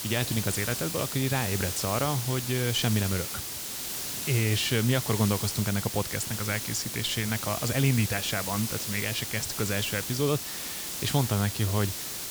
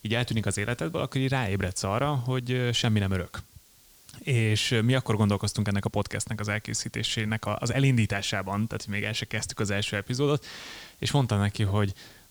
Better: second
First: hiss; loud; throughout; 3 dB below the speech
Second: hiss; faint; throughout; 25 dB below the speech

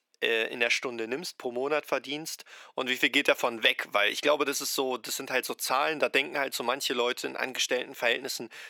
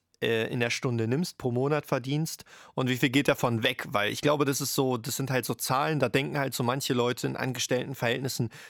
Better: second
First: thin; somewhat; fading below 350 Hz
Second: none

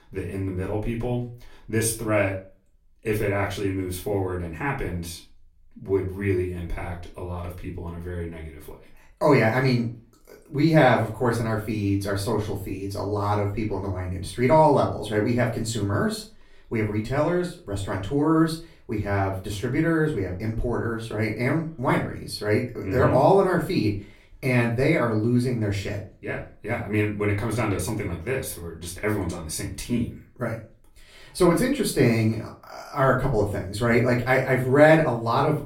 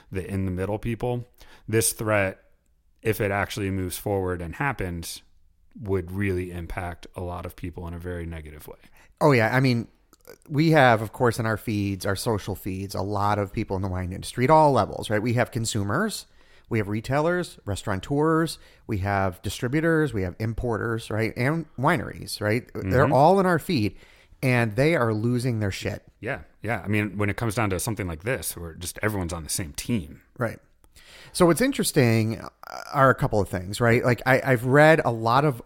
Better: second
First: off-mic speech; far // room echo; slight; dies away in 0.3 s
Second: none

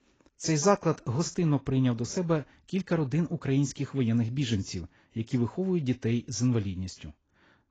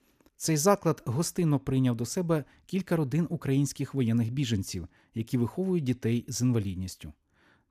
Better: second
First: garbled, watery; badly; nothing above 7.5 kHz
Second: none

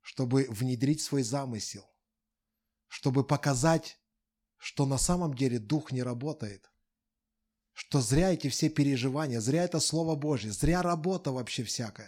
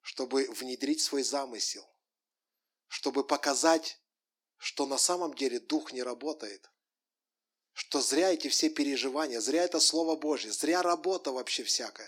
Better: first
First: none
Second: thin; somewhat; fading below 300 Hz

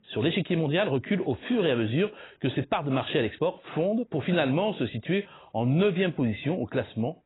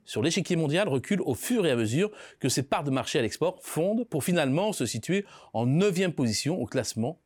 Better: second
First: garbled, watery; badly; nothing above 4 kHz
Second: none

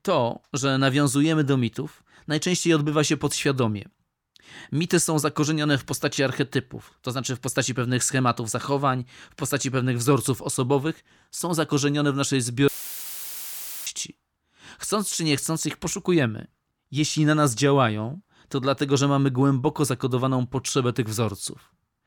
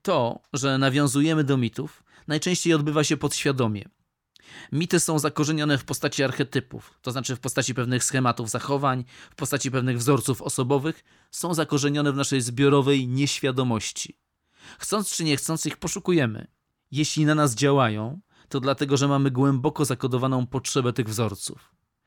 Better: second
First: audio cutting out; filled with static; at 13 s for 1 s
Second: none

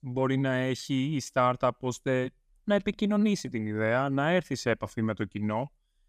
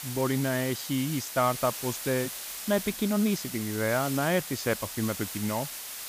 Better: first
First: none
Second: hiss; loud; throughout; 6 dB below the speech

